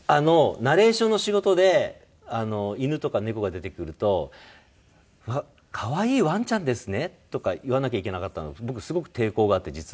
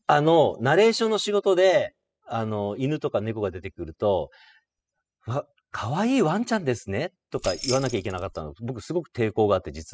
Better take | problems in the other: first | noise reduction (classical method spectral subtraction)

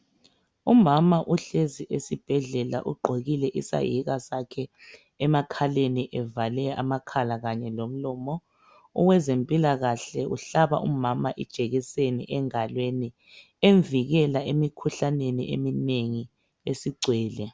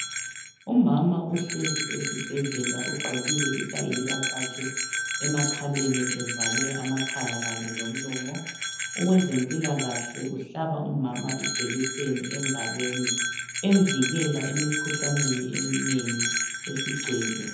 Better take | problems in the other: first | background sound (Bell); 3 dB below the speech // room echo; dies away in 0.8 s

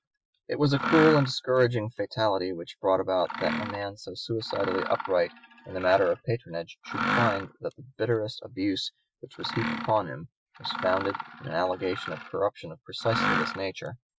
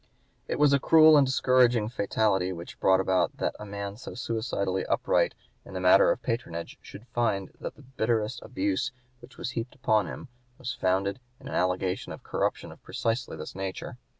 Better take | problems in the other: second | noise reduction (classical method Wiener filter)

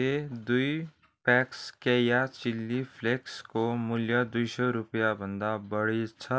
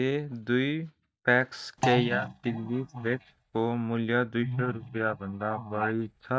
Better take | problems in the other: first | noise reduction (neural mask model DeepFilterNet 3)

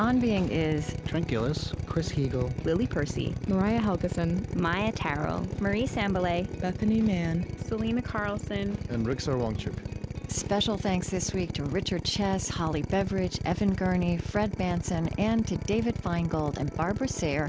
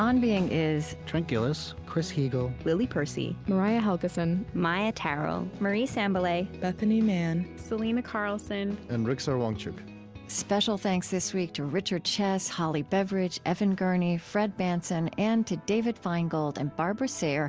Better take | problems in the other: second | background sound (Drill); 6 dB below the speech

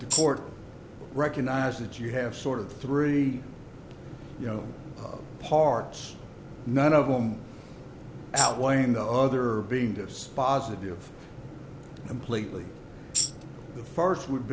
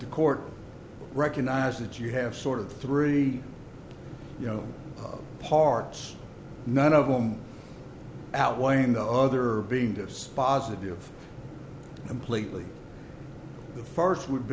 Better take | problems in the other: second | background sound (Tambourine); as loud as the speech

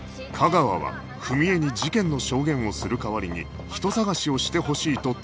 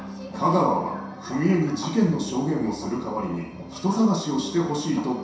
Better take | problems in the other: first | room echo; dies away in 0.7 s

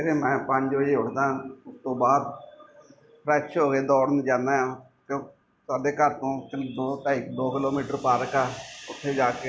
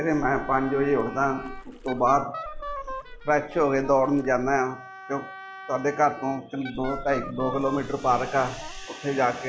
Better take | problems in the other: first | background sound (Wind instrument, woodwind instrument + Splash, splatter); 12 dB below the speech

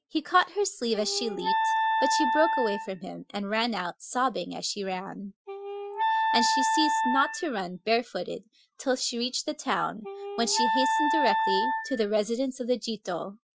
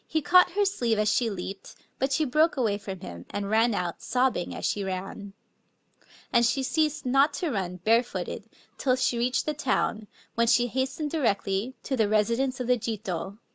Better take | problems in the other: second | noise reduction (classical method Wiener filter)

